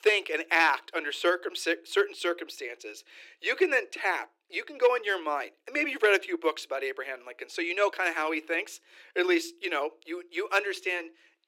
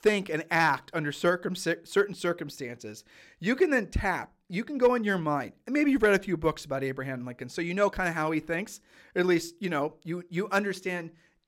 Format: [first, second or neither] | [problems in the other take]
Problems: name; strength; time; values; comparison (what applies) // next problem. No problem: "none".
second | thin; very; fading below 350 Hz